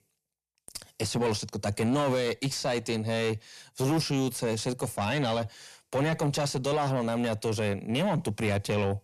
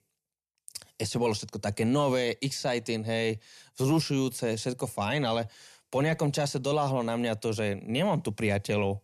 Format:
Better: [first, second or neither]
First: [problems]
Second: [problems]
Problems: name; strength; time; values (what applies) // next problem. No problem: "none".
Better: second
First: distortion; slight; 10 dB below the speech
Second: none